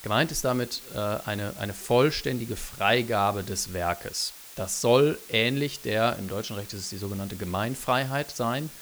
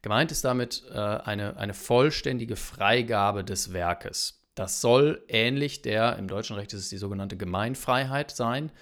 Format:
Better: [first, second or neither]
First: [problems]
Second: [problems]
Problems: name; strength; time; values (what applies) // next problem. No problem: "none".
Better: second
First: hiss; noticeable; throughout; 15 dB below the speech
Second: none